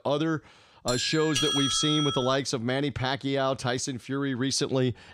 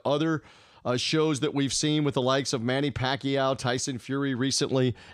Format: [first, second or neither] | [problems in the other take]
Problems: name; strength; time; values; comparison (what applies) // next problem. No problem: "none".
second | doorbell; loud; from 1 to 2.5 s; peak 2 dB above the speech